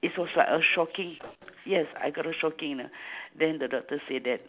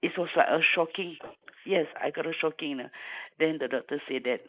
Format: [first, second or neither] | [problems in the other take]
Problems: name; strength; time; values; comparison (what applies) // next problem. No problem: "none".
first | noise reduction (neural mask model Resemble Enhance denoiser)